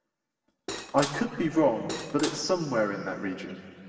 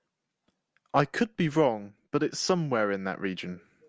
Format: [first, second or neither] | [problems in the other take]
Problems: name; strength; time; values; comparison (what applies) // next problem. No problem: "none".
second | background sound (Cutlery, silverware / Dishes, pots, and pans); 8 dB below the speech // room echo; dies away in 2 s